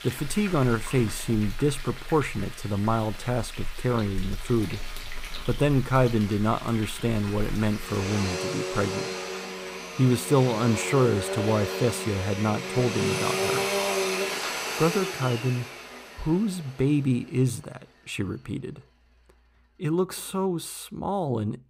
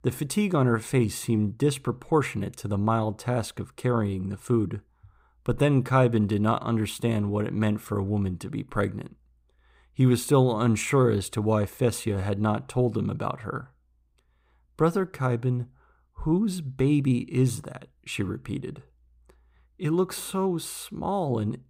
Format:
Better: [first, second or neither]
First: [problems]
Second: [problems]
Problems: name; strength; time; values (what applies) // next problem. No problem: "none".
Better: second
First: household noises; loud; throughout; 6 dB below the speech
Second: none